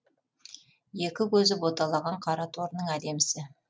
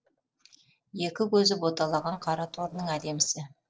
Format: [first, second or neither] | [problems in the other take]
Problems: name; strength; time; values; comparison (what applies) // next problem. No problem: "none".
first | noise reduction (neural separator model SepFormer DNS4)